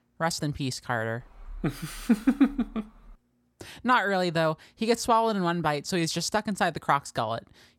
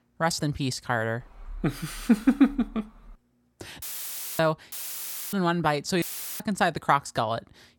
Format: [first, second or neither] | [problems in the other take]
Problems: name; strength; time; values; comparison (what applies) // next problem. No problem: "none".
first | audio cutting out; filled with static; at 4 s for 0.5 s, at 4.5 s for 0.5 s and at 6 s